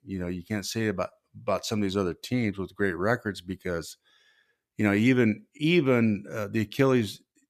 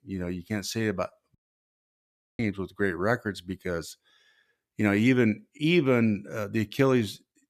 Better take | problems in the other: first | audio cutting out; at 1.5 s for 1 s

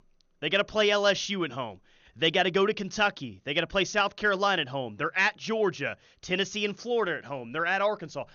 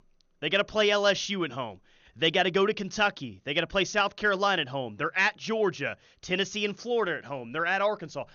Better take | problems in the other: neither | garbled, watery; slightly; nothing above 6.5 kHz; the same in both

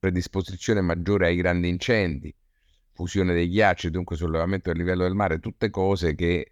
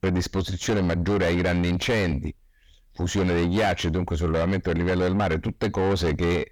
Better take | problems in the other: first | distortion; heavy; 5 dB below the speech

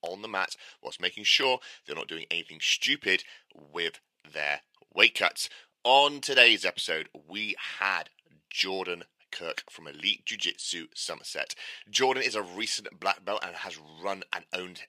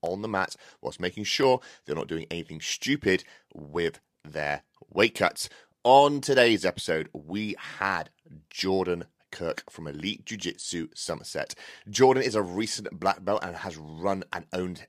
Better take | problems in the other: second | thin; somewhat; fading below 750 Hz

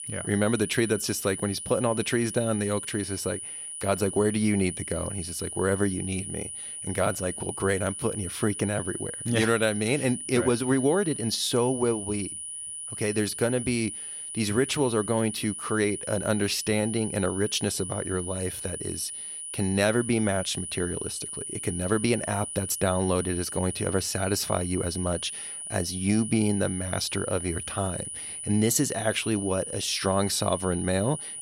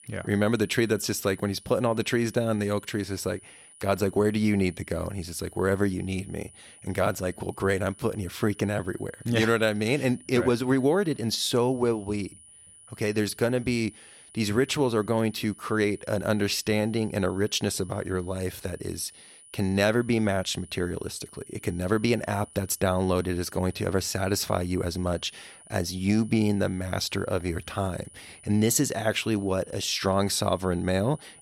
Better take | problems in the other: second | high-pitched whine; loud; throughout; 9.5 kHz, 7 dB below the speech; faint in the second

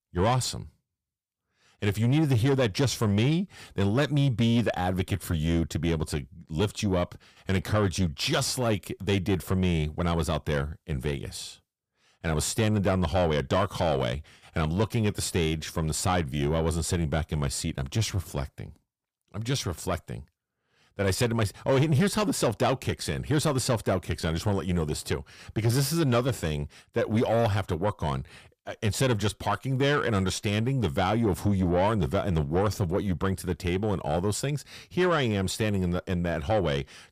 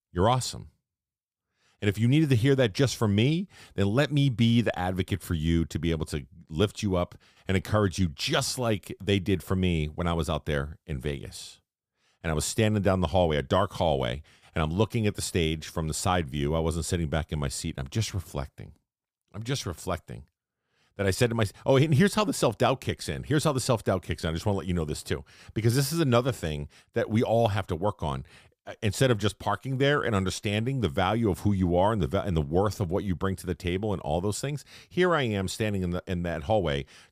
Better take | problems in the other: second | distortion; slight; 10 dB below the speech

